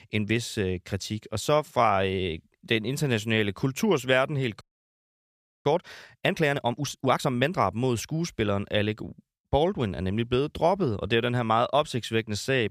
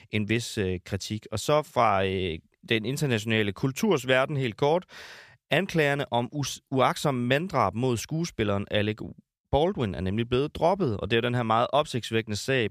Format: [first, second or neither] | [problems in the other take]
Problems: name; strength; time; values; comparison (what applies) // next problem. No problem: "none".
second | audio freezing; at 4.5 s for 1 s